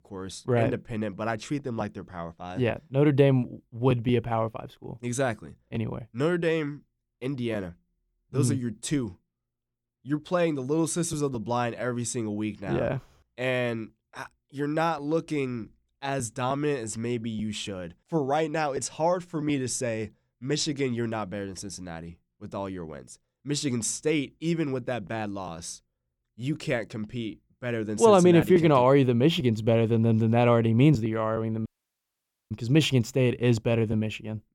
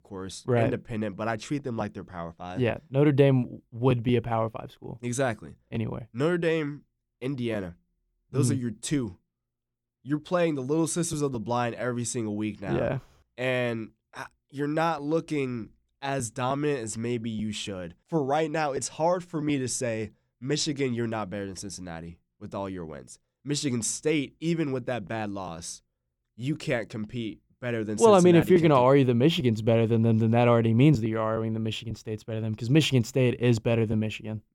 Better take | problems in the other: second | audio cutting out; at 32 s for 1 s

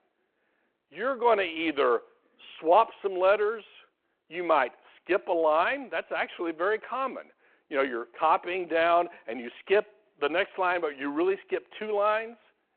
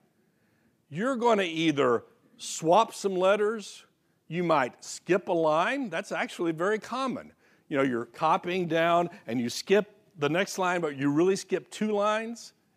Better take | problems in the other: second | phone-call audio

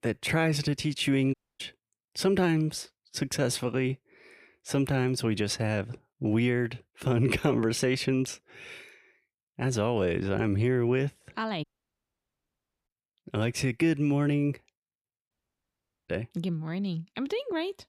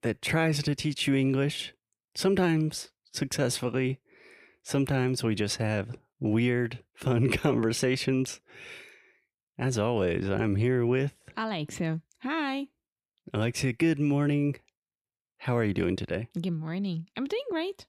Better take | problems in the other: second | audio cutting out; at 1.5 s, at 12 s for 1 s and at 15 s for 1 s

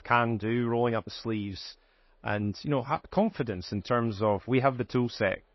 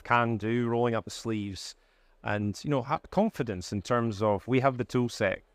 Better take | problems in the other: second | garbled, watery; slightly; nothing above 5.5 kHz

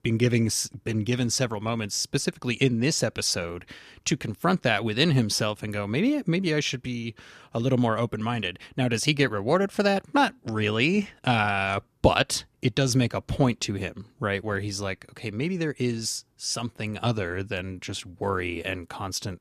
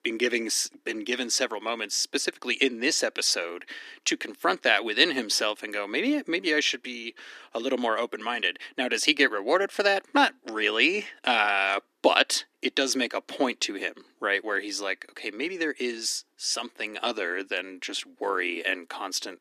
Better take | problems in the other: first | thin; somewhat; fading below 300 Hz

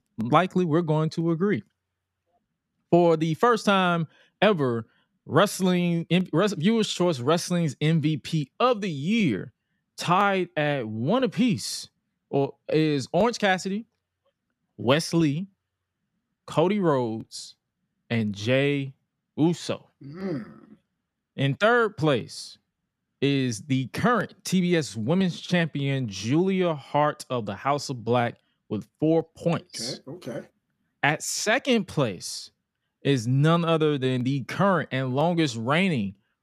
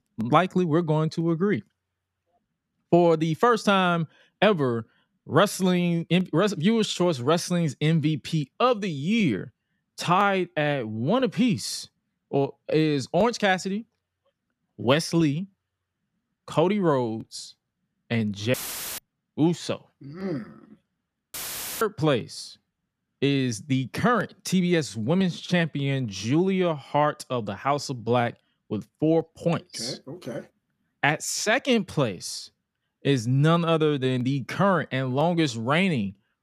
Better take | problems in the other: first | audio cutting out; filled with static; at 19 s and at 21 s

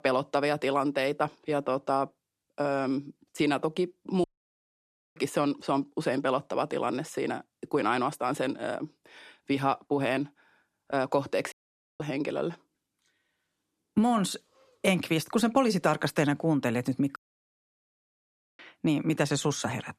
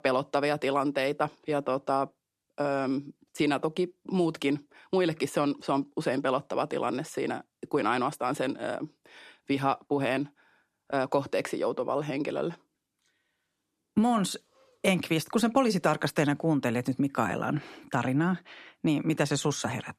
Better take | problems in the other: second | audio cutting out; at 4 s for 1 s, at 12 s and at 17 s for 1.5 s

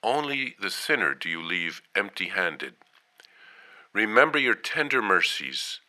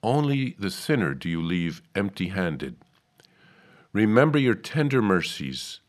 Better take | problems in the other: second | thin; very; fading below 500 Hz

